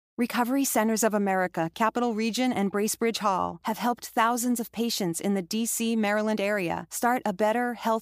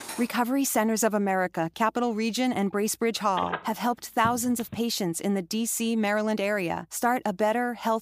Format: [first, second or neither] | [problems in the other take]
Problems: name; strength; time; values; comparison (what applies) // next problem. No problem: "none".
first | clattering dishes; faint; at the start; peak 10 dB below the speech // phone ringing; noticeable; from 3.5 to 5 s; peak 8 dB below the speech